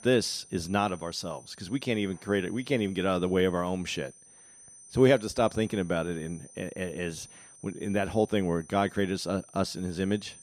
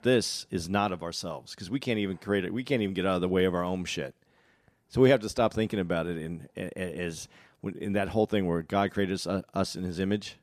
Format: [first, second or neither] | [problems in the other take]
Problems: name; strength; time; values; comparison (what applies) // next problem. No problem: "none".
second | high-pitched whine; faint; throughout; 9 kHz, 20 dB below the speech